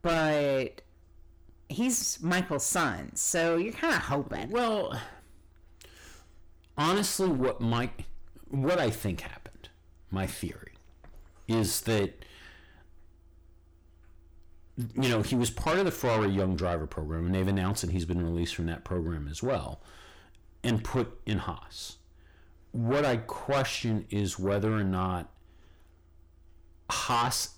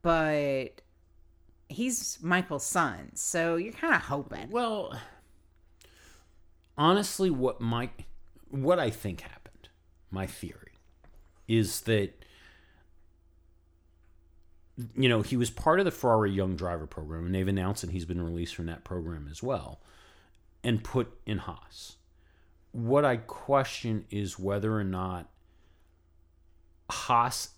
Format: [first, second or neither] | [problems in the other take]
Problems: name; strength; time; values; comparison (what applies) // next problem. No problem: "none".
second | distortion; heavy; 6 dB below the speech